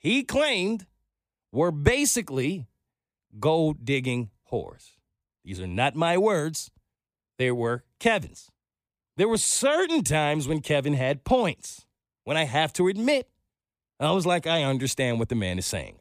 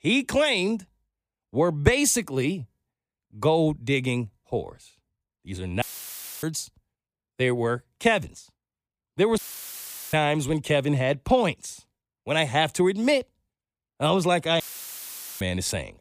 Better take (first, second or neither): first